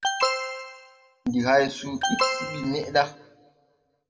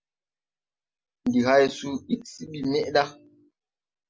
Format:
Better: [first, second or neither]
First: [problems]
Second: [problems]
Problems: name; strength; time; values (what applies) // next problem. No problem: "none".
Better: second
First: background sound (Alarm); 1 dB below the speech // room echo; dies away in 0.4 s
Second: none